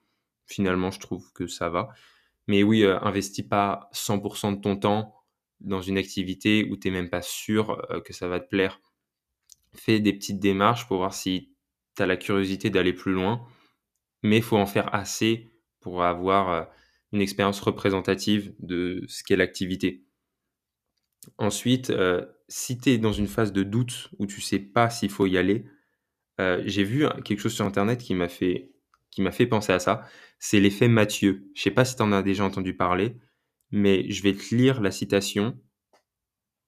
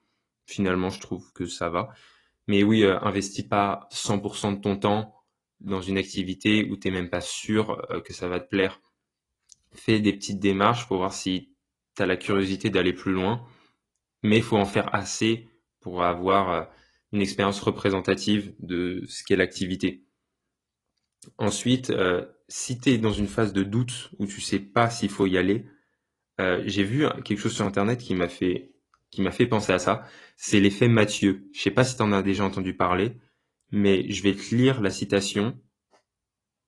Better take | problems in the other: first | garbled, watery; slightly; nothing above 10.5 kHz

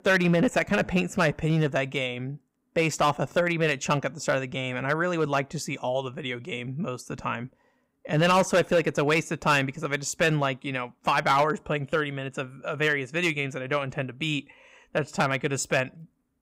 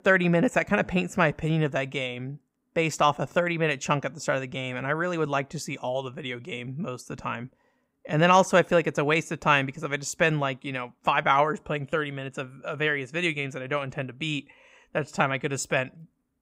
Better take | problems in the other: second | distortion; slight; 3% of the sound clipped

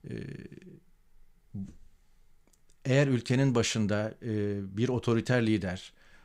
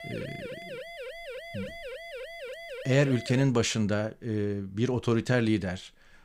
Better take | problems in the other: first | siren; faint; until 3.5 s; peak 10 dB below the speech

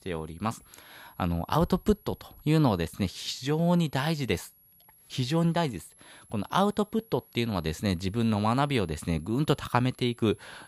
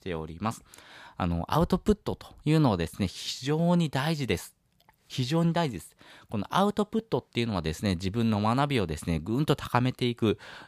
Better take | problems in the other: second | high-pitched whine; faint; throughout; 11.5 kHz, 30 dB below the speech

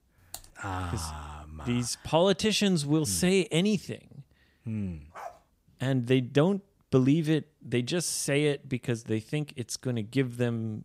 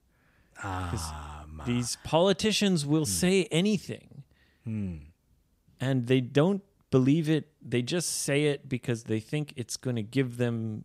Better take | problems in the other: second | keyboard typing; faint; at 0.5 s; peak 15 dB below the speech // dog barking; faint; at 5 s; peak 15 dB below the speech

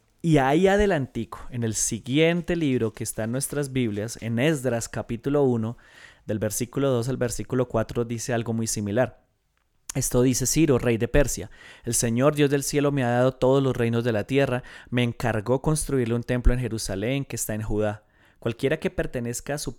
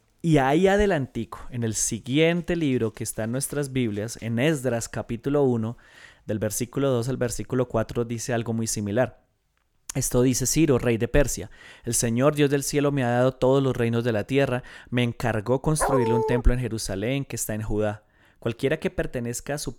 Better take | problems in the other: first | dog barking; loud; at 16 s; peak 1 dB above the speech

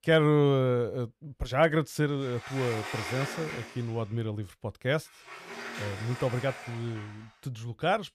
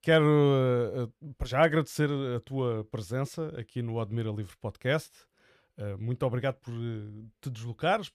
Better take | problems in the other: second | door banging; noticeable; from 2 to 7 s; peak 5 dB below the speech

